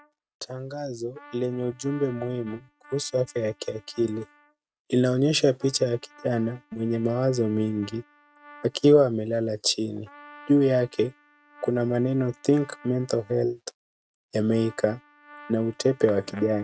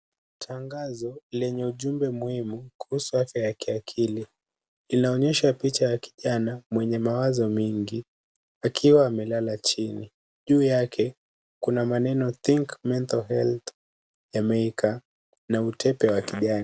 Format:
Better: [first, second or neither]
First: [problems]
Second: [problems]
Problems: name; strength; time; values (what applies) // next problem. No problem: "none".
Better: second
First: noise reduction (neural mask model RNNoise)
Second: none